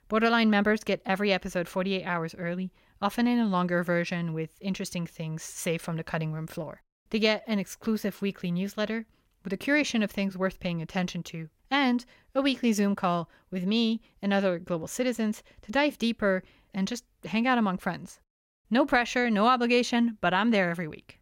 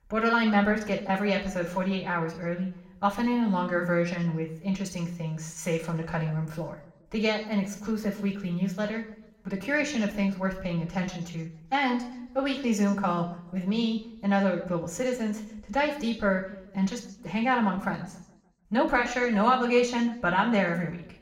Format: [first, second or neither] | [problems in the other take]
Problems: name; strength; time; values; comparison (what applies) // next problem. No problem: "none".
first | room echo; slight; dies away in 0.6 s // off-mic speech; somewhat distant